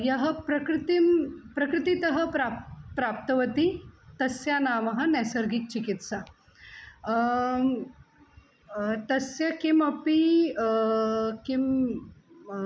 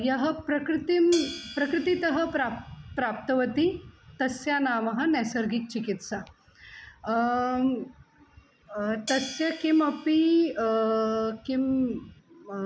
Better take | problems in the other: first | background sound (Hi-hat); 17 dB below the speech

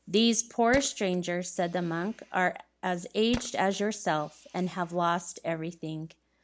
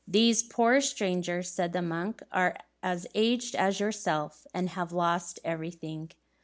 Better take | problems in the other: second | background sound (Tools); 17 dB below the speech

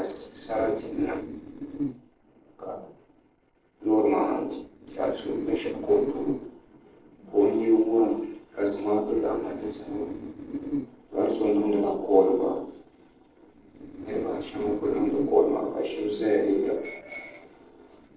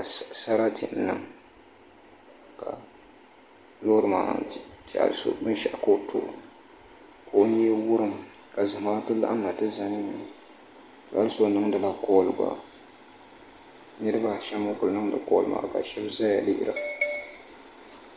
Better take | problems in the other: second | noise reduction (neural separator model SepFormer DNS4)

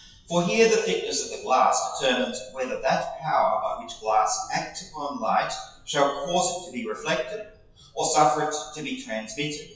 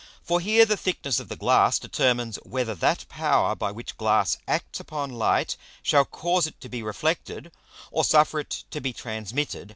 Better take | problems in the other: second | noise reduction (classical method WPE with log-MMSE)

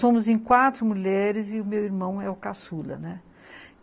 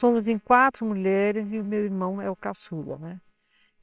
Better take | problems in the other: first | noise reduction (neural separator model SepFormer WHAMR!)

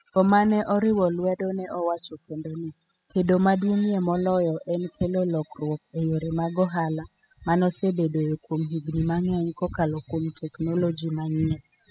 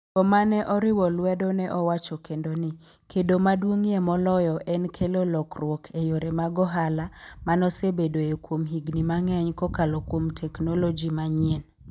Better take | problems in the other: second | noise reduction (classical method spectral subtraction)

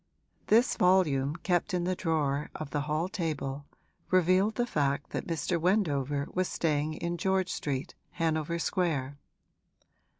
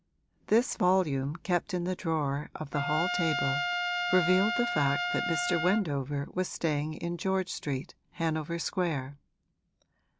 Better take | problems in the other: first | background sound (Trumpet); 2 dB below the speech

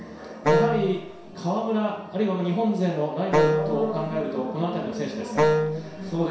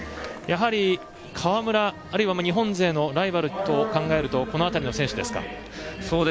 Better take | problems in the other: second | background sound (Wind instrument, woodwind instrument); 3 dB above the speech // room echo; dies away in 0.7 s

